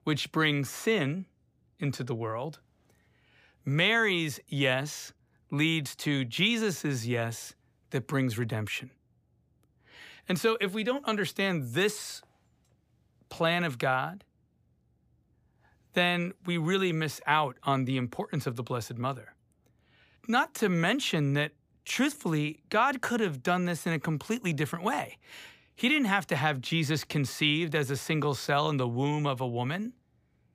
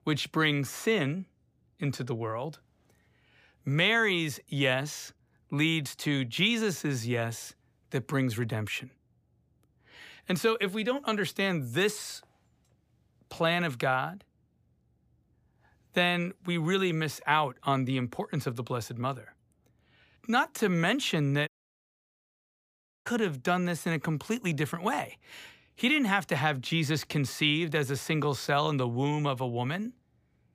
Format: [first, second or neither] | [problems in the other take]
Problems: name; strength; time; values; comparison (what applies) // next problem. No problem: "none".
first | audio cutting out; at 21 s for 1.5 s